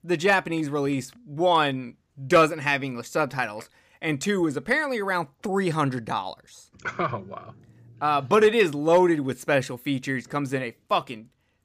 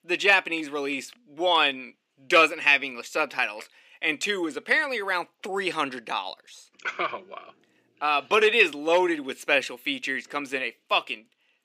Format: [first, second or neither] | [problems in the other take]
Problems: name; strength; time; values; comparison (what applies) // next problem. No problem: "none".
first | thin; somewhat; fading below 300 Hz